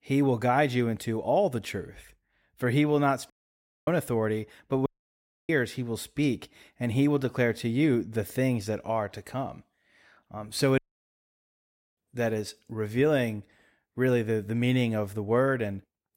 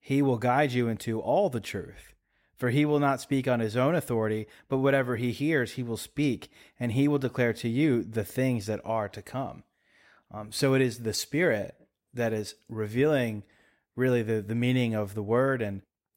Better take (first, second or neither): second